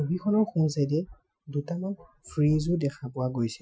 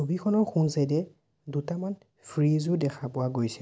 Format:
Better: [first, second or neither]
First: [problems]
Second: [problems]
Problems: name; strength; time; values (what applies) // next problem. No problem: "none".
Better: second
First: noise reduction (classical method Wiener filter)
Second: none